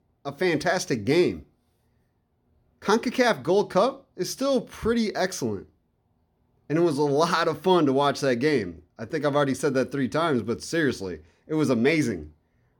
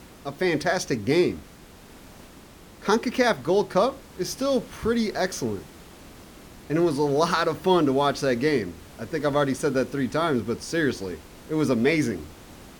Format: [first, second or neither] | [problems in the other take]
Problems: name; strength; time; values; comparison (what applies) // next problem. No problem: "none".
first | hiss; faint; throughout; 20 dB below the speech